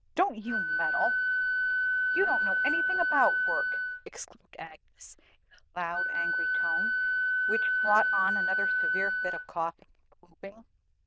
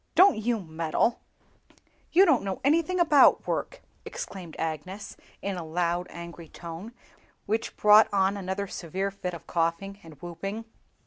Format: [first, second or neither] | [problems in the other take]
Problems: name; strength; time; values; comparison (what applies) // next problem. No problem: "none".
second | noise reduction (neural diffusion model UNIVERSE++)